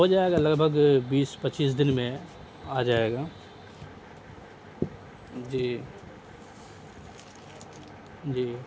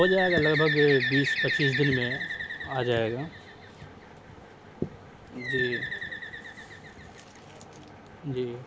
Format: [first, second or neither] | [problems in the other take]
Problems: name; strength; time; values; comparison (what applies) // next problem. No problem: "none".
first | background sound (Bird); 4 dB below the speech